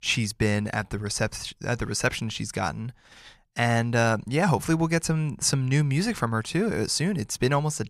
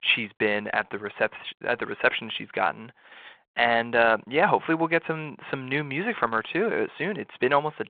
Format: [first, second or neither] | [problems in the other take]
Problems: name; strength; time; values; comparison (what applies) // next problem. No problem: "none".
first | phone-call audio